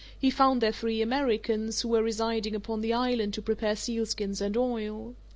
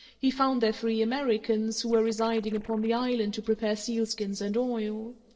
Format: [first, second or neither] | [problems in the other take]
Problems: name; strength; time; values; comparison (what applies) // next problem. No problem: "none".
first | noise reduction (neural separator model SepFormer DNS4)